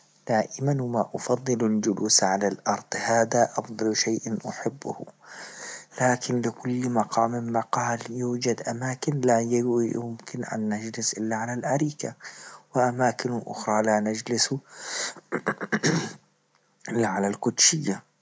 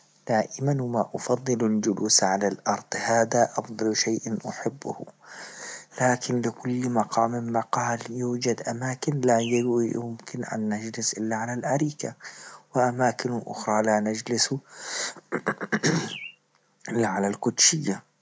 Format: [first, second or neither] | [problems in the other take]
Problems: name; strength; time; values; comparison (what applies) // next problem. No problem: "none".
first | background sound (Bird); 19 dB below the speech